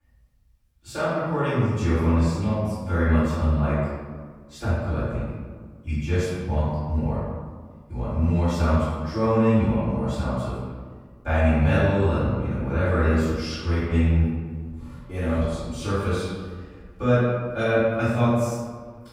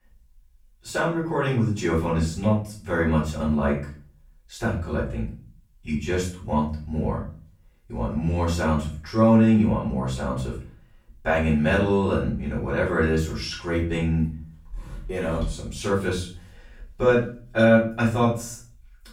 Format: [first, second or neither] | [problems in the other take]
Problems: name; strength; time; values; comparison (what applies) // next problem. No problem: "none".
second | room echo; strong; dies away in 1.4 s; slight in the second // off-mic speech; far; far in the second